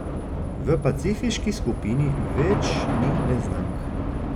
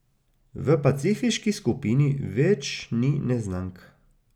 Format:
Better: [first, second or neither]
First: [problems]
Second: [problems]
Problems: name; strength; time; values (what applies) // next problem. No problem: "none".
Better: second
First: background sound (Subway, metro, underground / Train); as loud as the speech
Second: none